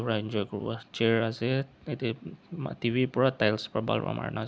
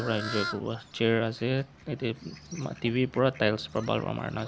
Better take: first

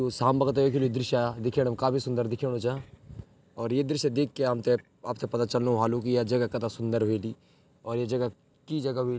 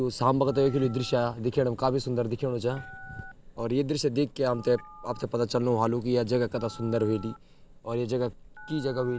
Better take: first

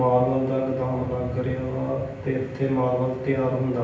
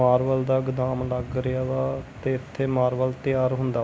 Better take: second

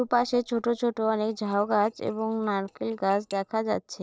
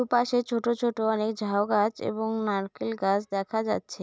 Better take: second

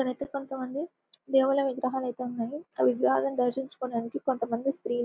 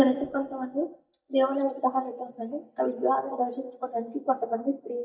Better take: first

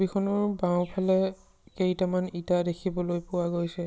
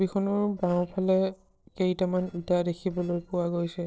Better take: first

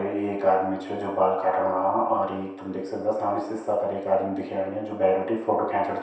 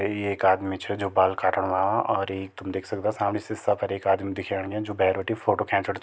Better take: second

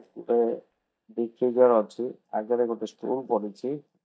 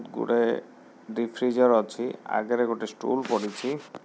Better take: second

